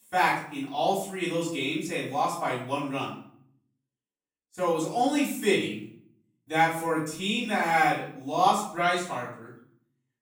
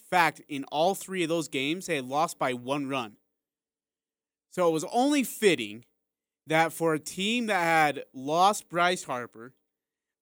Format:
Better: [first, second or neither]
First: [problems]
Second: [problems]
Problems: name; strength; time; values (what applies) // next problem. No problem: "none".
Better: second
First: off-mic speech; far // room echo; noticeable; dies away in 0.5 s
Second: none